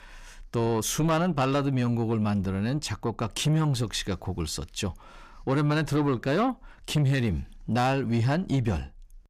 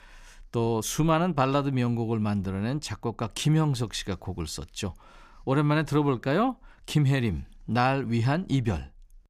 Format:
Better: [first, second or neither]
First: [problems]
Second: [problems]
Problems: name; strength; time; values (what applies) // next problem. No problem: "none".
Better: second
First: distortion; slight; 10 dB below the speech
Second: none